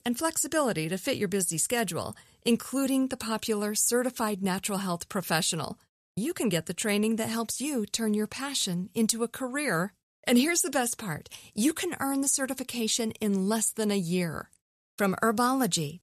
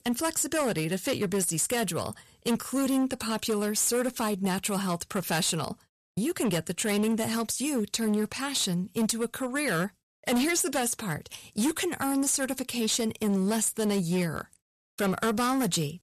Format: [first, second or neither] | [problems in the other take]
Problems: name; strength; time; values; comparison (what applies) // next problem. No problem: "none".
first | distortion; slight; 10% of the sound clipped